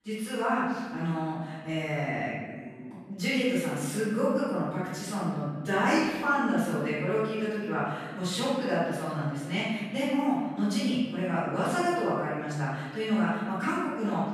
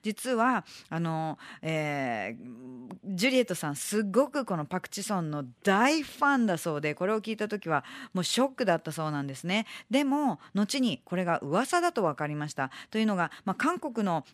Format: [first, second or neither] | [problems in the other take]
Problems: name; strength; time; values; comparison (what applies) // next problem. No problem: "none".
second | off-mic speech; far // room echo; strong; dies away in 1.4 s